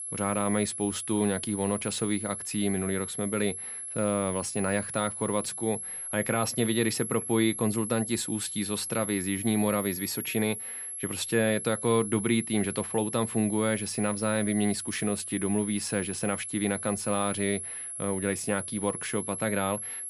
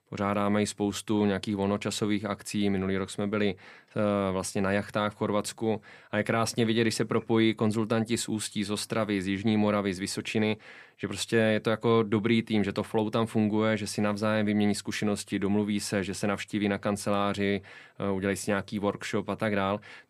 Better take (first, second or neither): second